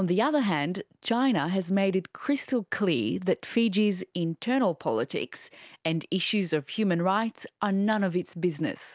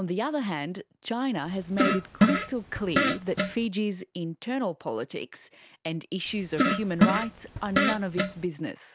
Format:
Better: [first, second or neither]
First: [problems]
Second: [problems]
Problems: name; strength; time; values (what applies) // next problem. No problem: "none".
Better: first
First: none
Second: background sound (Fart); 4 dB above the speech